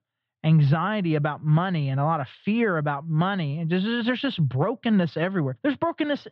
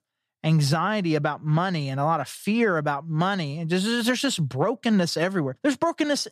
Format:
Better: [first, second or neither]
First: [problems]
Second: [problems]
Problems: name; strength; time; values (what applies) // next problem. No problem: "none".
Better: second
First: muffled; very; fading above 3.5 kHz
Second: none